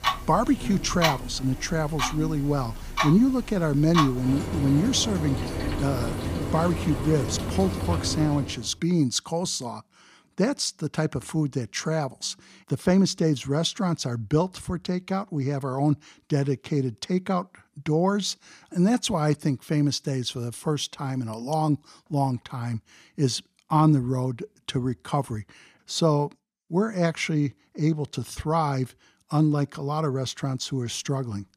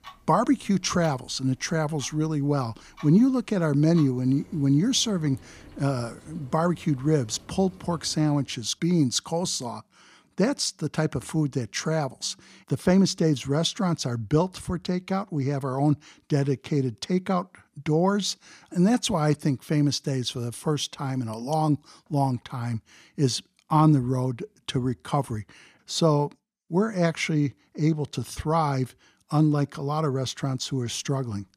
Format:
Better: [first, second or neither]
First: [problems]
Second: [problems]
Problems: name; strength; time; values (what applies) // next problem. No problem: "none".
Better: second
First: household noises; loud; until 8.5 s; 4 dB below the speech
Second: household noises; faint; until 8.5 s; 25 dB below the speech